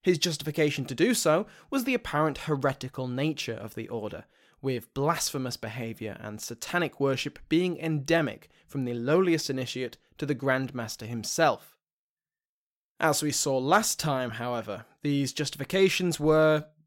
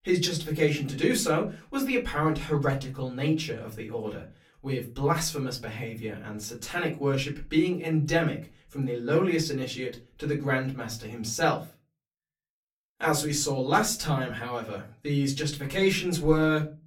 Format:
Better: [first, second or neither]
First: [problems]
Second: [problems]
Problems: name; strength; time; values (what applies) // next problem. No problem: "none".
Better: first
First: none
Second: off-mic speech; far // room echo; very slight; dies away in 0.3 s